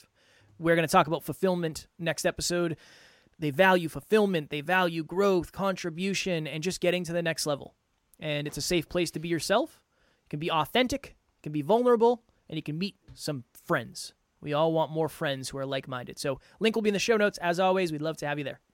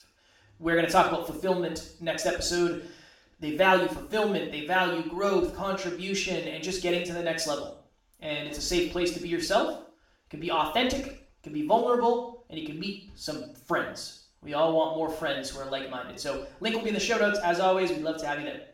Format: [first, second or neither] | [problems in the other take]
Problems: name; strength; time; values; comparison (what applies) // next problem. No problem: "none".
first | room echo; noticeable; dies away in 0.5 s // off-mic speech; far